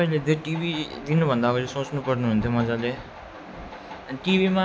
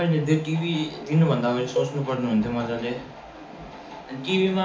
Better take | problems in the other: first | background sound (Cowbell); 10 dB below the speech // room echo; dies away in 0.4 s

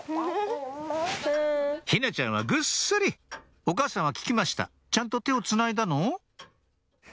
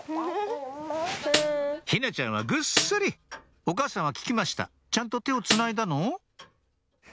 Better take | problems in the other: first | background sound (Snare drum); 3 dB below the speech

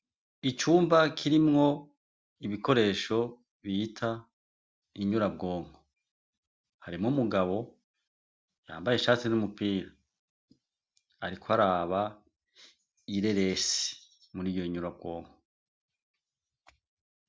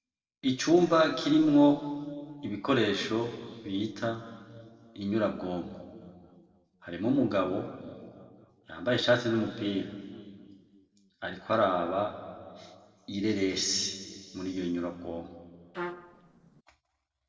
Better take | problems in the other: first | noise reduction (neural separator model SepFormer DNS4)

